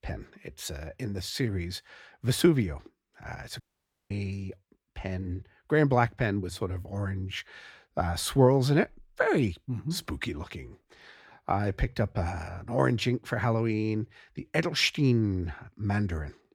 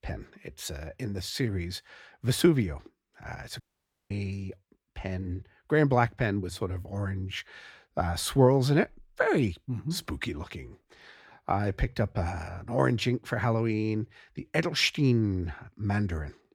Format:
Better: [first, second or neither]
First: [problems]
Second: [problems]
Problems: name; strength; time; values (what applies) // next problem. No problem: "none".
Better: neither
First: audio cutting out; at 3.5 s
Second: audio cutting out; at 3.5 s